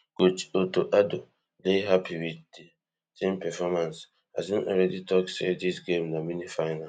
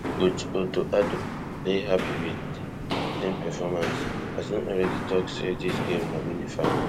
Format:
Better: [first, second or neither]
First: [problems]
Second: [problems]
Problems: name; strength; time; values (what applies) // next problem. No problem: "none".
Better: first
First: none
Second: background sound (Walk, footsteps); 2 dB below the speech